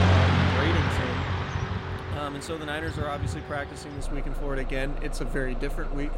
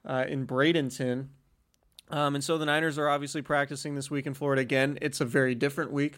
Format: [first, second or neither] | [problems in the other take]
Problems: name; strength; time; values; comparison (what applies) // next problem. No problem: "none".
second | traffic noise; very loud; throughout; 4 dB above the speech